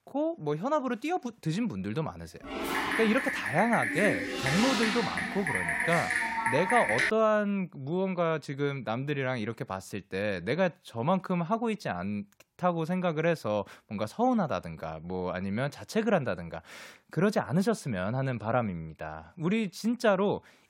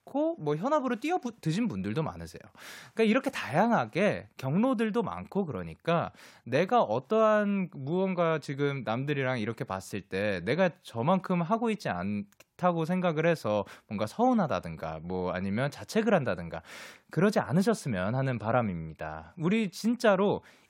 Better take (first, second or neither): second